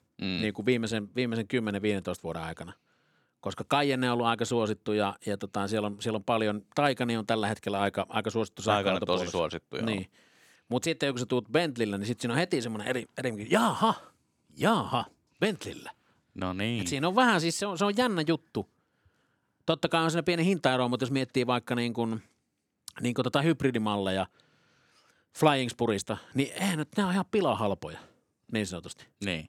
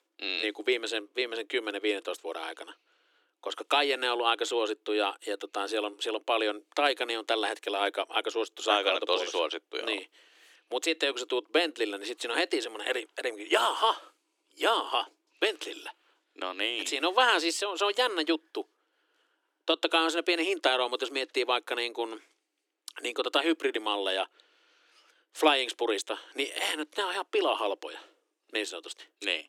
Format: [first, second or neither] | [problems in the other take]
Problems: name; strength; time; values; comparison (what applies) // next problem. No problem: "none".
first | thin; very; fading below 300 Hz